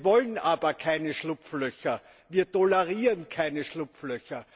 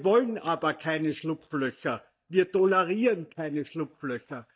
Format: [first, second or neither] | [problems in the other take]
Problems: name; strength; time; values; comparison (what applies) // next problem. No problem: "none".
first | noise reduction (neural mask model DeepFilterNet 3)